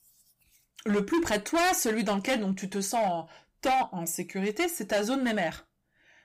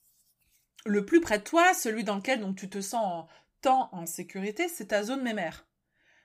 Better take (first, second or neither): second